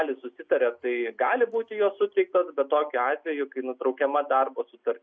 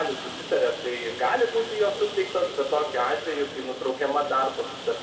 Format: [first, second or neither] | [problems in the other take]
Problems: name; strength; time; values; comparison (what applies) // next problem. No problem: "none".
first | background sound (Rain); 12 dB below the speech // room echo; dies away in 2.4 s